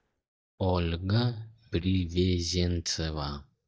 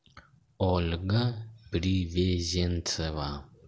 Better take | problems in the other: second | noise reduction (neural mask model DeepFilterNet 3)

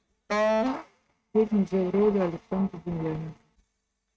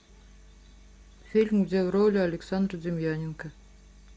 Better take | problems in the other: second | noise reduction (neural mask model RNNoise)

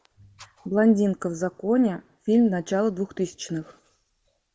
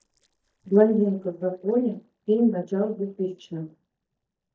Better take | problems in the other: first | noise reduction (neural mask model DeepFilterNet 3)

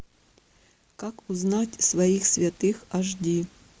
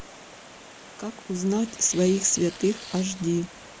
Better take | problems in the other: first | background sound (Tearing + Water); 17 dB below the speech

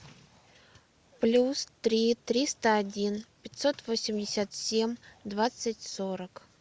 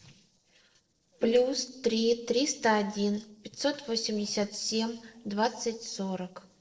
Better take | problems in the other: first | noise reduction (neural separator model SepFormer DNS4)

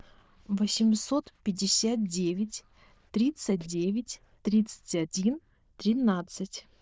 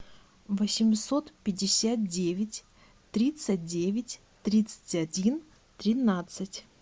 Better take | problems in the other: second | noise reduction (neural diffusion model UNIVERSE++)

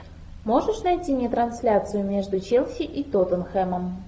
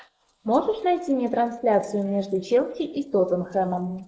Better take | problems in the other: first | noise reduction (neural mask model Resemble Enhance denoiser)

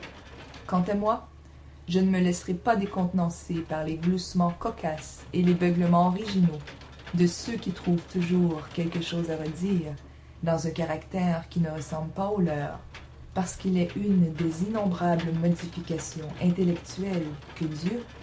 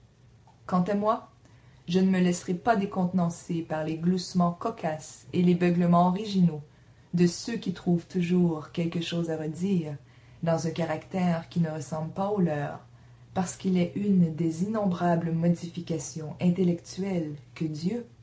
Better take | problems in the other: second | background sound (Engine / Mechanisms); 18 dB below the speech

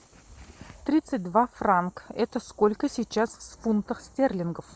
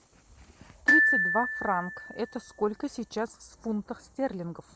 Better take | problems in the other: first | background sound (Glockenspiel); 3 dB above the speech

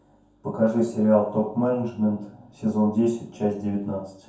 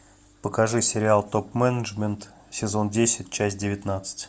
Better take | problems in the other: second | room echo; dies away in 0.6 s

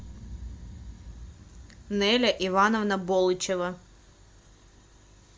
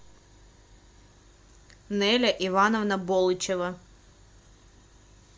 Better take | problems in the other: second | background sound (Boom); 18 dB below the speech

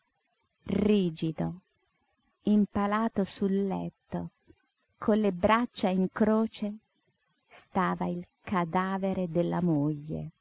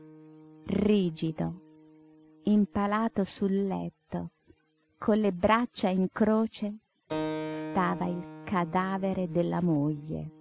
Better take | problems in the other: first | background sound (Keyboard (musical)); 14 dB below the speech

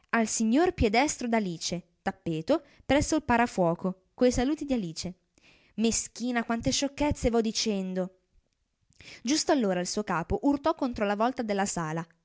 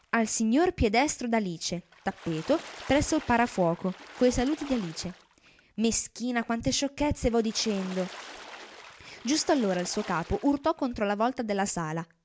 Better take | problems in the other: first | background sound (Water / Splash, splatter); 20 dB below the speech

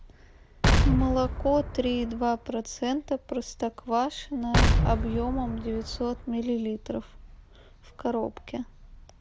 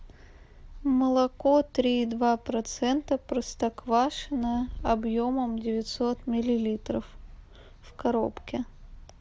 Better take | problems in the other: second | background sound (Explosion); 4 dB above the speech

